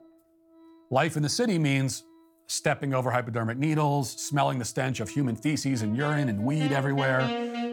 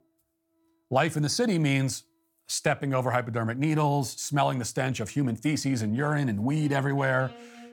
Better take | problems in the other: second | background music; loud; throughout; 8 dB below the speech; faint in the second

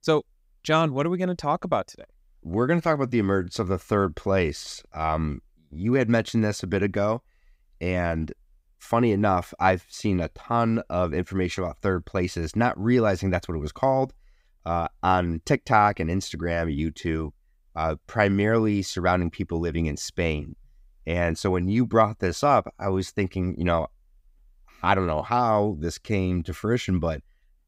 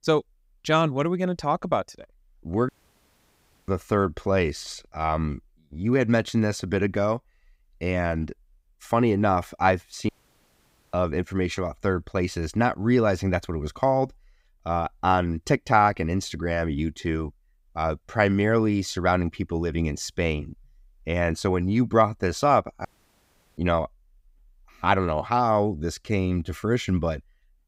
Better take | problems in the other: first | audio cutting out; at 2.5 s for 1 s, at 10 s for 1 s and at 23 s for 0.5 s

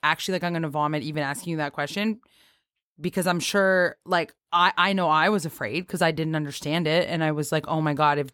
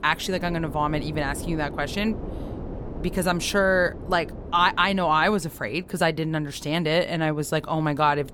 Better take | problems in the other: first | wind noise on the microphone; occasional gusts; 20 dB below the speech

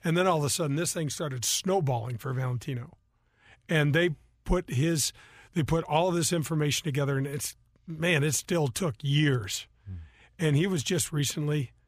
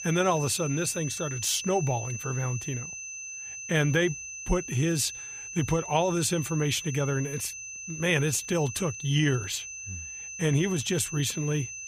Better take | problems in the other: first | high-pitched whine; loud; throughout; 6 kHz, 8 dB below the speech

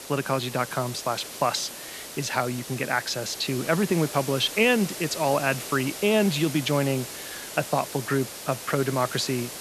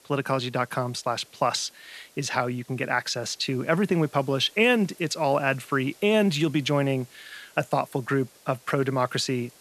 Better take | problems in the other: second | hiss; loud; throughout; 10 dB below the speech; faint in the second

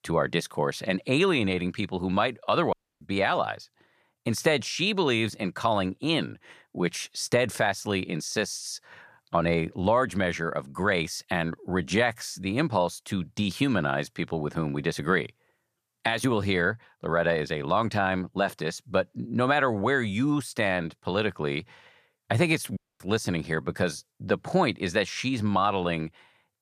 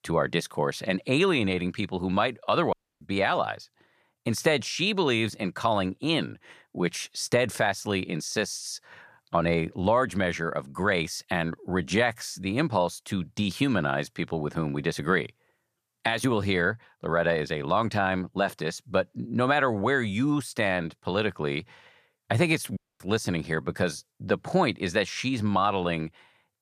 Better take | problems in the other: neither | audio cutting out; at 2.5 s and at 23 s; the same in both

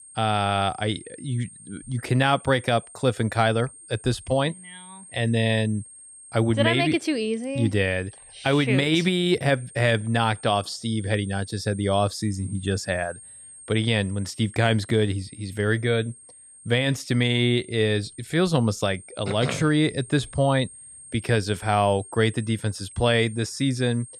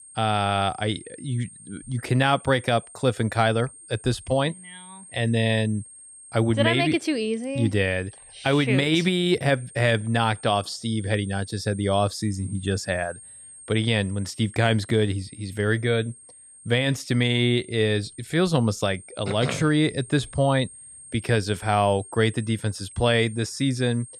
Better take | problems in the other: neither | high-pitched whine; noticeable; throughout; 8.5 kHz, 20 dB below the speech; the same in both

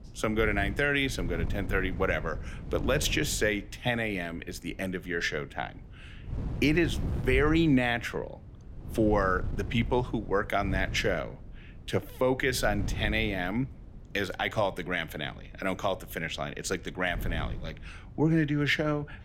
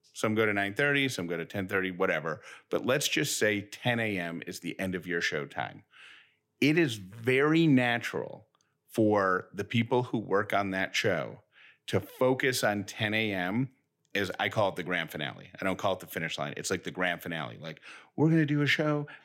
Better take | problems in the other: second | wind noise on the microphone; occasional gusts; 20 dB below the speech

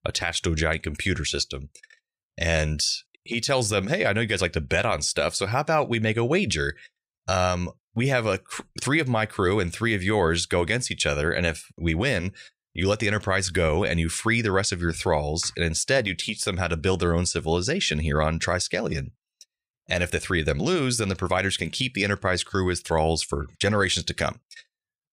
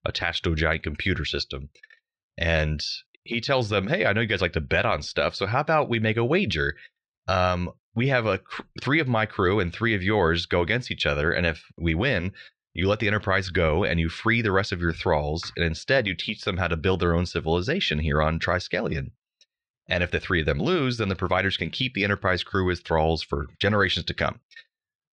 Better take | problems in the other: first | muffled; very slightly; fading above 4 kHz

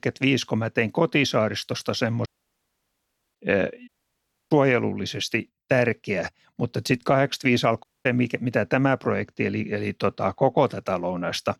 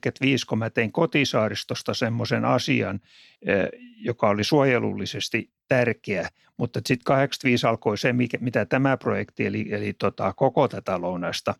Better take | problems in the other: second | audio cutting out; at 2.5 s for 1 s, at 4 s for 0.5 s and at 8 s

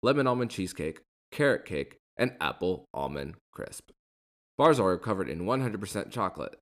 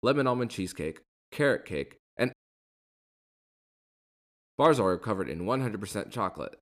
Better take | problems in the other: first | audio cutting out; at 2.5 s for 1.5 s

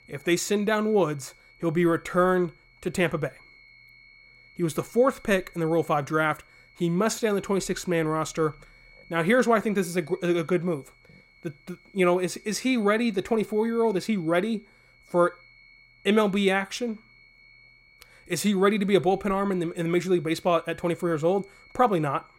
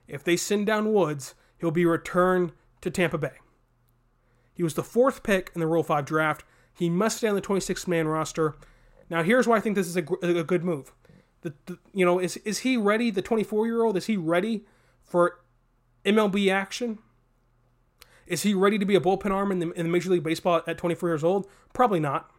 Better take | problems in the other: second | high-pitched whine; faint; throughout; 2 kHz, 30 dB below the speech

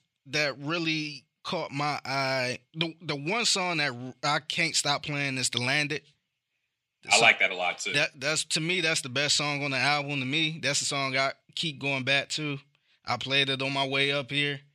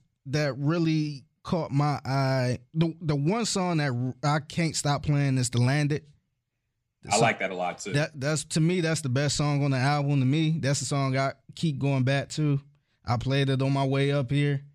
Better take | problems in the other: second | thin; somewhat; fading below 600 Hz

